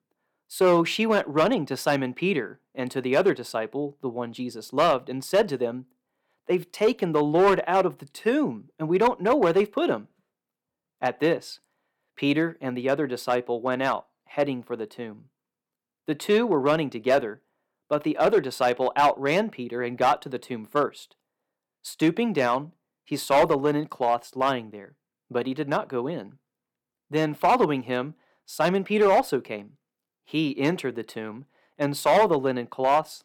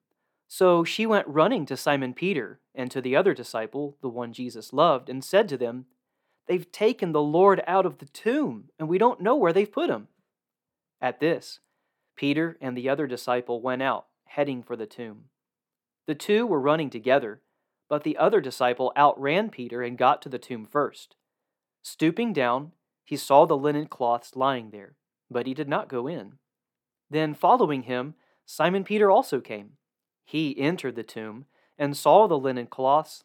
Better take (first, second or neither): second